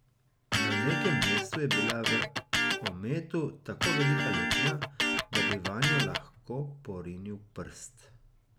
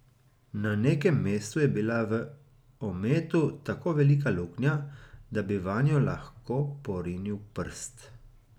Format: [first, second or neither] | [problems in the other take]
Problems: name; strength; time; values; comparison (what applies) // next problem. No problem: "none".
second | background sound (Electric guitar); 4 dB above the speech